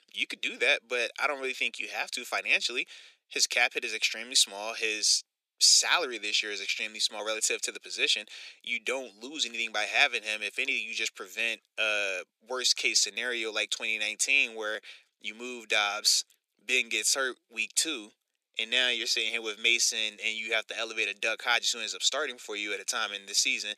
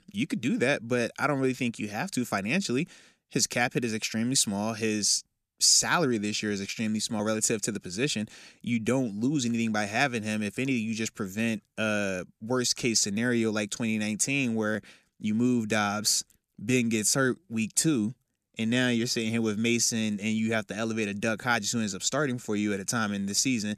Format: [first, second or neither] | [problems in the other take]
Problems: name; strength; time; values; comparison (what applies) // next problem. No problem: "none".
second | thin; very; fading below 400 Hz